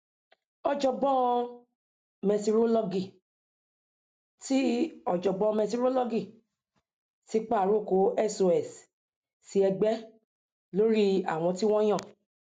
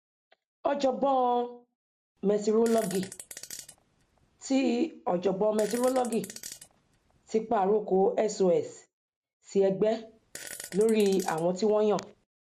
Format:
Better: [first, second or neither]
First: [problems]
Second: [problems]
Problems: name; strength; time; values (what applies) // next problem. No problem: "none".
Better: first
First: none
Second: background sound (Fart); 18 dB below the speech